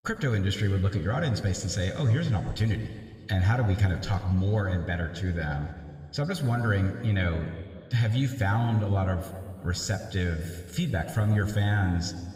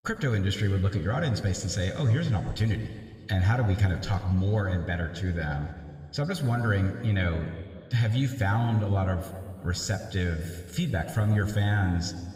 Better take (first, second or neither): neither